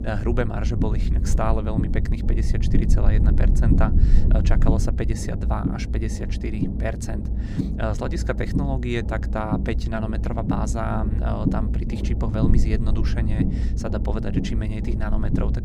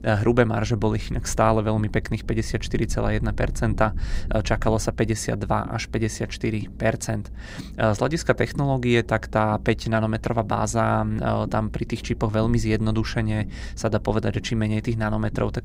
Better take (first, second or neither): second